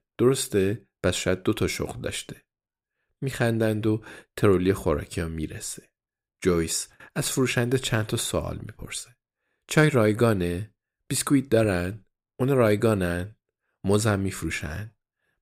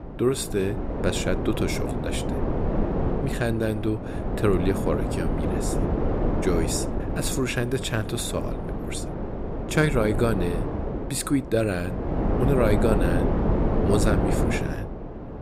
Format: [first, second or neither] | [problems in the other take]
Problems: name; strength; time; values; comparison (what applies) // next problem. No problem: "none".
first | wind noise on the microphone; heavy; 3 dB below the speech